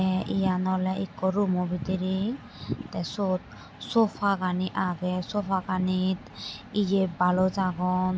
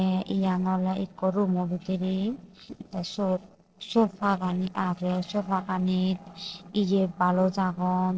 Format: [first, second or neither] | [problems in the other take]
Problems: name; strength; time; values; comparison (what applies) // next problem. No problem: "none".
first | noise reduction (neural separator model SepFormer DNS4)